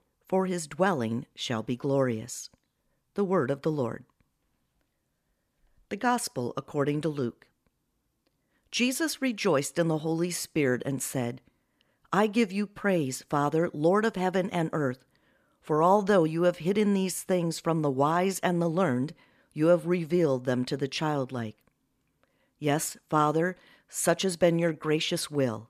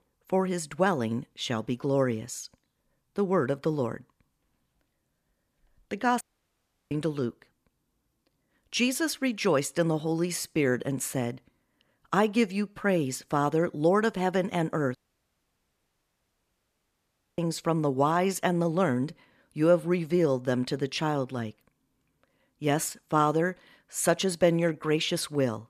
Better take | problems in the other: first | audio cutting out; at 6 s for 0.5 s and at 15 s for 2.5 s

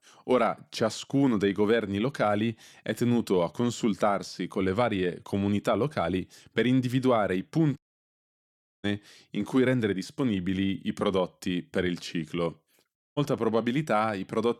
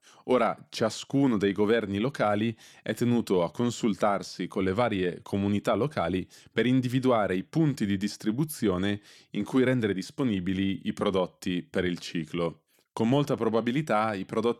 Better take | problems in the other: second | audio cutting out; at 8 s for 1 s and at 13 s

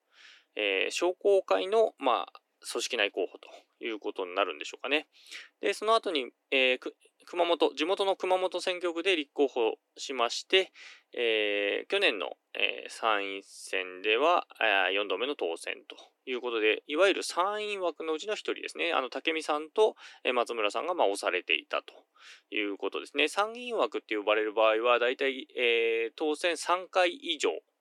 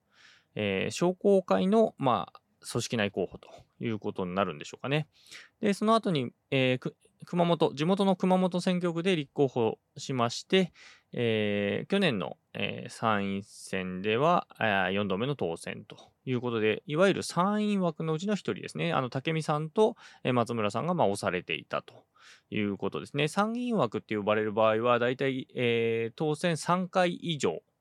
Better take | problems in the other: second | thin; somewhat; fading below 300 Hz

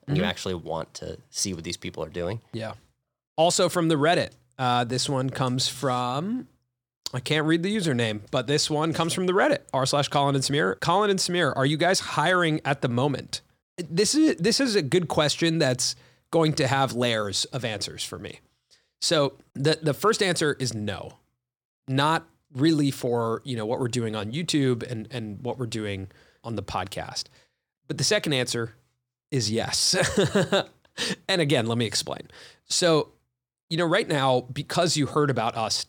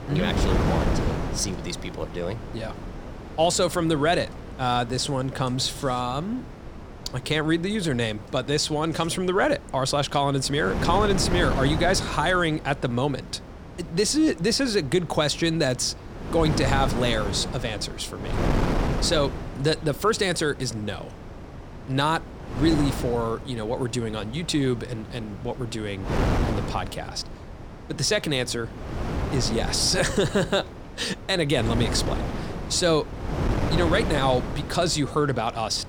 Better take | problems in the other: first | wind noise on the microphone; heavy; 10 dB below the speech

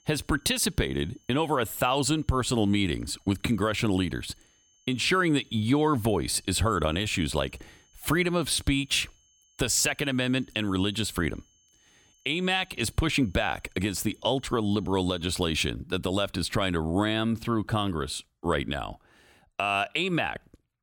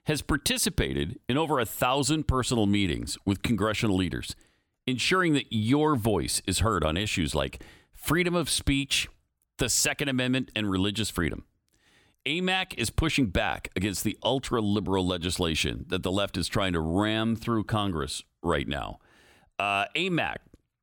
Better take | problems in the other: second | high-pitched whine; faint; until 16 s; 6.5 kHz, 35 dB below the speech

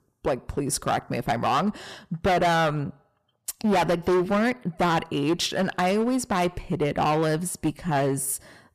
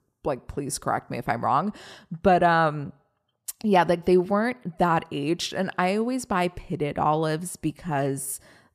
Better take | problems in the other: second | distortion; heavy; 12% of the sound clipped

